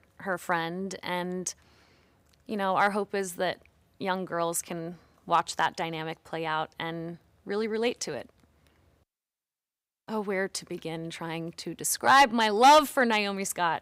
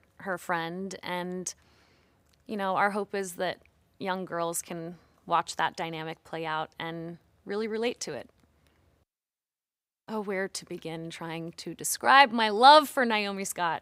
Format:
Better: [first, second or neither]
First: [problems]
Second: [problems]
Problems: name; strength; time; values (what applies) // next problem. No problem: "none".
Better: second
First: distortion; slight; 0.7% of the sound clipped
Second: none